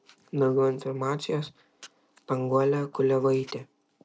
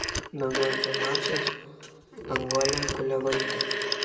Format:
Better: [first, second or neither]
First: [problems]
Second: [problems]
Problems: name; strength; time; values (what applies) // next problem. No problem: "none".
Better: first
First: none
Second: background sound (Telephone); 1 dB above the speech // room echo; dies away in 1.4 s